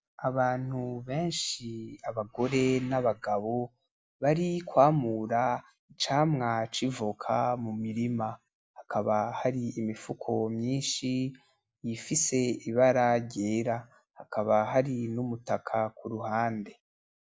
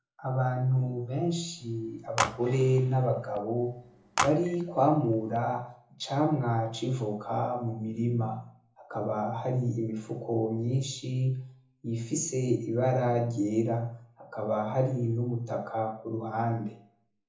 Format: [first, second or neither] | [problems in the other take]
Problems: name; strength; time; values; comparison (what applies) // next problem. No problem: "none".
first | background sound (Telephone); 7 dB below the speech // room echo; dies away in 0.6 s